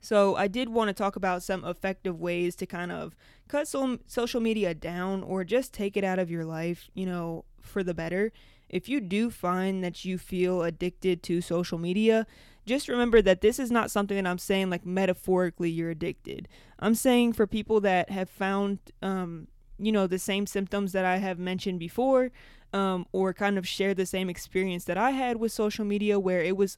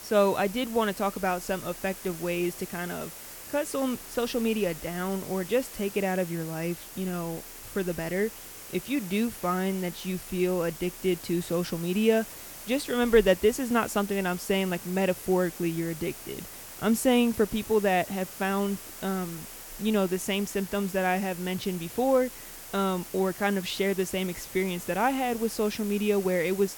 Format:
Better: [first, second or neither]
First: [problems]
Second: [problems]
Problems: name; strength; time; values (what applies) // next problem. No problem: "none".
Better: first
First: none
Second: hiss; noticeable; throughout; 15 dB below the speech